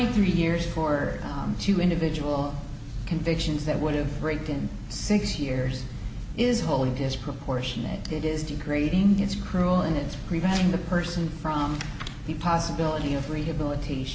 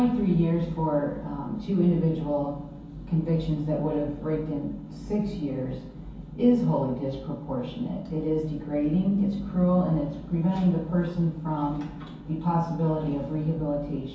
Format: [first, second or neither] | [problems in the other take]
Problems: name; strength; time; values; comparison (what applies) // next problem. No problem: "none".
first | room echo; dies away in 0.6 s